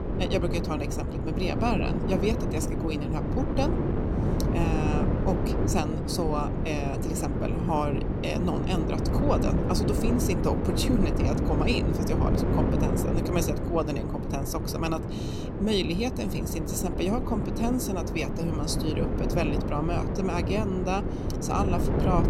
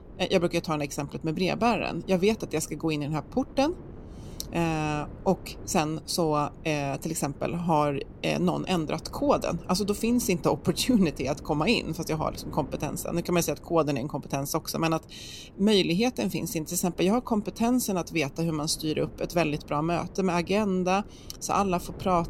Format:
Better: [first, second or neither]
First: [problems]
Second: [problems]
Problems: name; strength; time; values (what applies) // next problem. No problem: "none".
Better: second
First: wind noise on the microphone; heavy; 2 dB below the speech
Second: wind noise on the microphone; occasional gusts; 20 dB below the speech